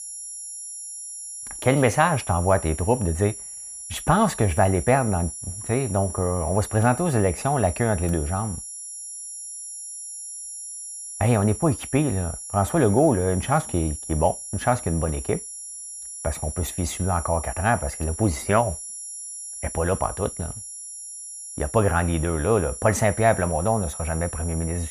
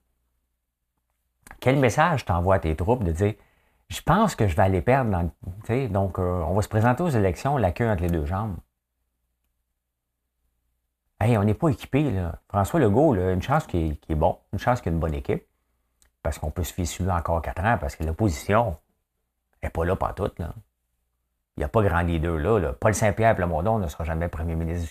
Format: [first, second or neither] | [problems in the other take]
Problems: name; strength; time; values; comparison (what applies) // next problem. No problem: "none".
second | high-pitched whine; loud; throughout; 10.5 kHz, 10 dB below the speech